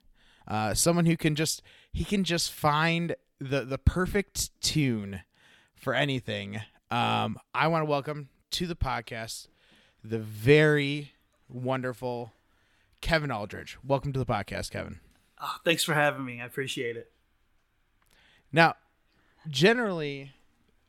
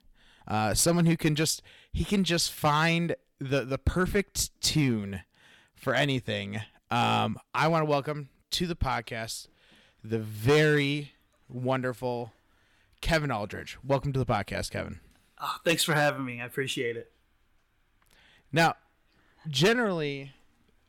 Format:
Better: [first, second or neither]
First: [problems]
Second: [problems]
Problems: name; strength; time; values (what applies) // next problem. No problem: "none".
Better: first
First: none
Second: distortion; slight; 2% of the sound clipped